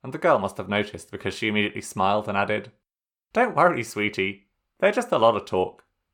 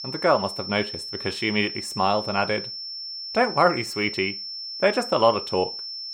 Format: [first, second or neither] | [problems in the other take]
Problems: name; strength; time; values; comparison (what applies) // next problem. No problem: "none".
first | high-pitched whine; loud; throughout; 5.5 kHz, 7 dB below the speech